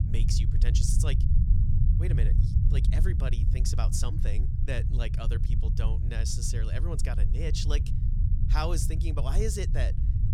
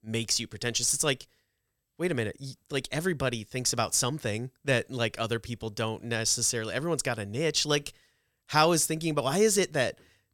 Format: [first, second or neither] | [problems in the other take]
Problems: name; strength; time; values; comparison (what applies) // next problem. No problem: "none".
second | low rumble; loud; throughout; 6 dB below the speech